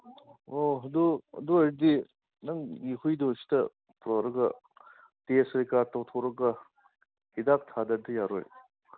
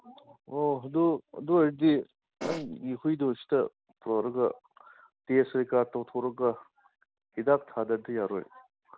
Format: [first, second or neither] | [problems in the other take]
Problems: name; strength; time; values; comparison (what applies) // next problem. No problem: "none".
first | background sound (Fart); 7 dB below the speech